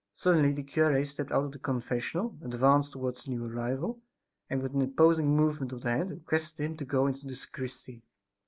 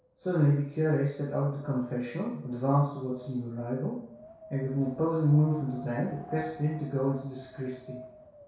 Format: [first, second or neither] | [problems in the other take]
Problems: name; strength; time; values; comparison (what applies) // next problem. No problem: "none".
first | background sound (Wind); 18 dB below the speech // room echo; dies away in 0.6 s